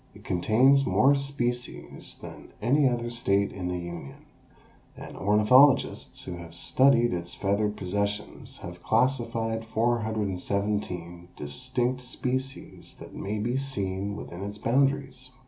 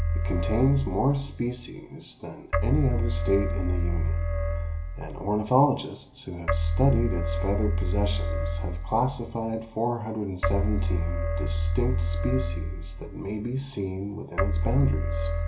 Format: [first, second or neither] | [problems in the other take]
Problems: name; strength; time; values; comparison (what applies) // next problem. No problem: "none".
first | background sound (Keyboard (musical)); 1 dB above the speech // room echo; dies away in 0.7 s